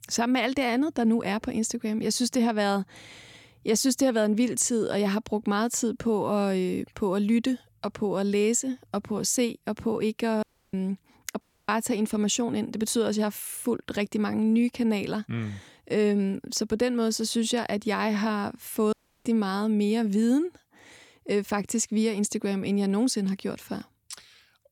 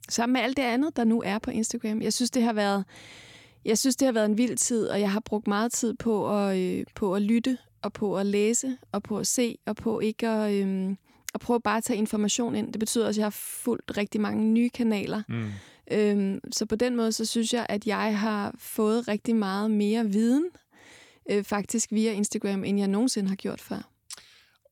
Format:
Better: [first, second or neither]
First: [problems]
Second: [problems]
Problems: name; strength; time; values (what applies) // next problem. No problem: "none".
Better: second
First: audio cutting out; at 10 s, at 11 s and at 19 s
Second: none